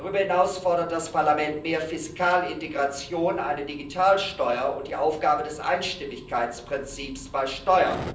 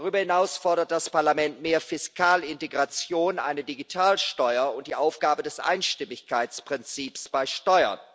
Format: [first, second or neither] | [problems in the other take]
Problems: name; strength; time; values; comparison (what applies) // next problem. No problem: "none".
second | background sound (Fire); 18 dB below the speech // room echo; dies away in 0.6 s